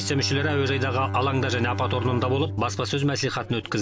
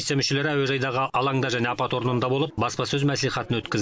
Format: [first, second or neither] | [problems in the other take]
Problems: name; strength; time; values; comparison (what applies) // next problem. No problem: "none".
second | background sound (Bowed string instrument); 5 dB below the speech